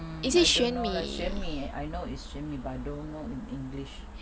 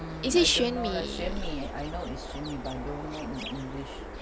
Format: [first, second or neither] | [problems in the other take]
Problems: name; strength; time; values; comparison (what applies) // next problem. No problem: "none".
first | background sound (Chirp, tweet); 12 dB below the speech